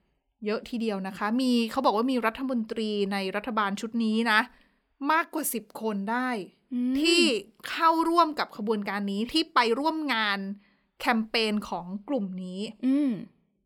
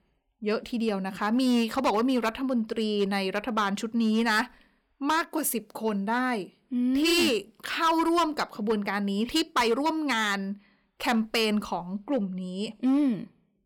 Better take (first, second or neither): first